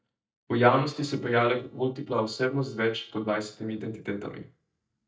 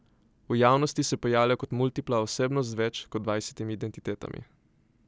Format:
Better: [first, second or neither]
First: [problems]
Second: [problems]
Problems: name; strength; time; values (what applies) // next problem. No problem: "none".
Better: second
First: noise reduction (neural mask model DeepFilterNet 3)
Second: none